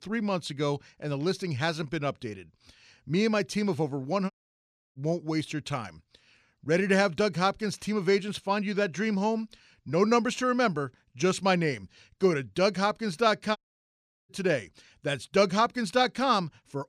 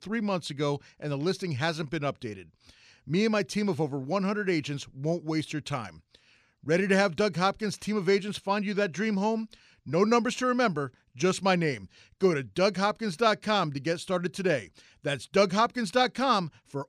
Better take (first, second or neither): second